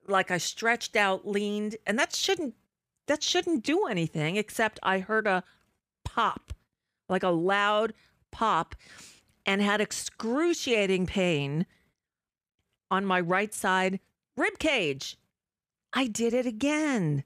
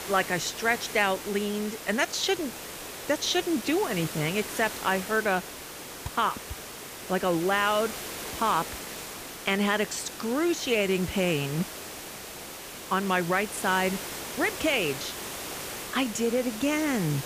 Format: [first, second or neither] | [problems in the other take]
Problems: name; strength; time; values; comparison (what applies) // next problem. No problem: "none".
first | hiss; loud; throughout; 9 dB below the speech